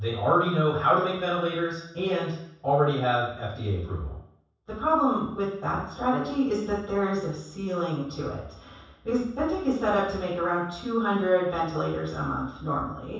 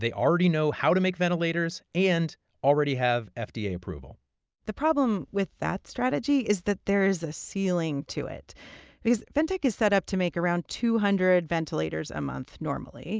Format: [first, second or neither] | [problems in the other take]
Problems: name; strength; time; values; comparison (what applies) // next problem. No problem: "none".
second | room echo; dies away in 0.7 s